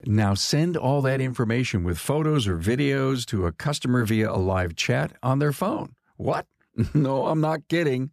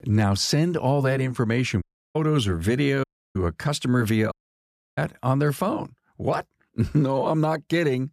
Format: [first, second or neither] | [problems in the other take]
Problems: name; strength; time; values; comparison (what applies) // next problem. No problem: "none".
first | audio cutting out; at 2 s, at 3 s and at 4.5 s for 0.5 s